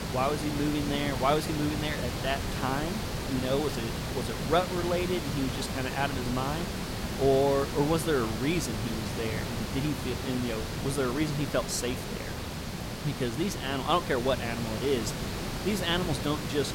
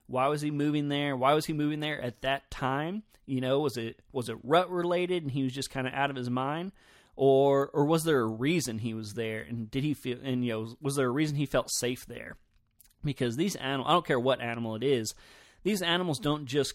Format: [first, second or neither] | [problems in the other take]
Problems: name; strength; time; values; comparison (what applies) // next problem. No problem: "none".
second | hiss; loud; throughout; 4 dB below the speech